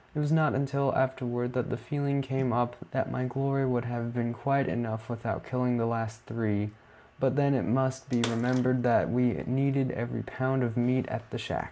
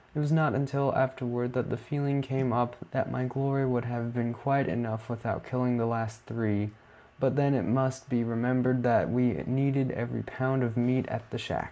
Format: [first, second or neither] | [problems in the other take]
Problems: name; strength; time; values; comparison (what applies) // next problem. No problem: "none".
second | background sound (Bathtub (filling or washing) / Water / Splash, splatter); 16 dB below the speech